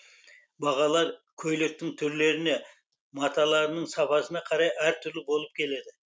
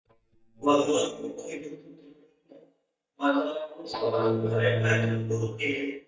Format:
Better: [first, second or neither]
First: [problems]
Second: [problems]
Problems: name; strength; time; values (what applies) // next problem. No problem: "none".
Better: first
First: none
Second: noise reduction (neural mask model DeepFilterNet 3)